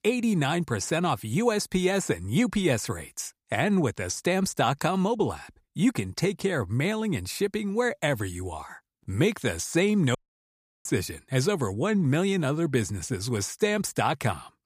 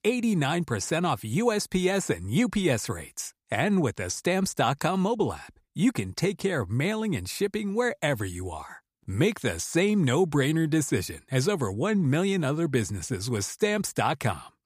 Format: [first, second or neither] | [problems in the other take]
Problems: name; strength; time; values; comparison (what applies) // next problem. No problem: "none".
second | audio cutting out; at 10 s for 0.5 s